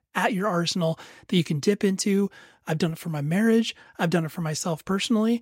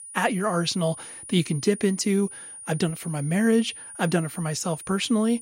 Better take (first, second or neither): first